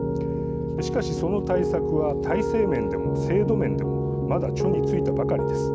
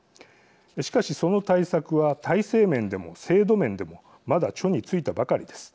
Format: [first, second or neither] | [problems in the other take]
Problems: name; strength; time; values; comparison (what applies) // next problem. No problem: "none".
second | background sound (Piano); 3 dB above the speech